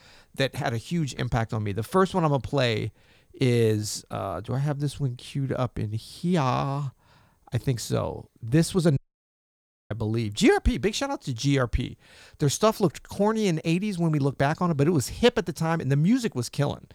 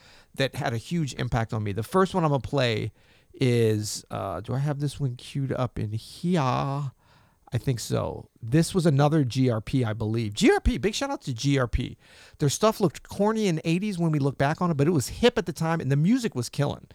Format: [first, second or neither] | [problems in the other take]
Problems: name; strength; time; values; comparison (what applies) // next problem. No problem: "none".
second | audio cutting out; at 9 s for 1 s